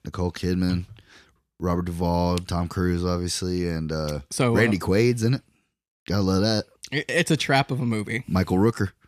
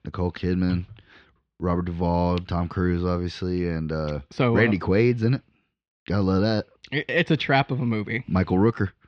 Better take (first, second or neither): first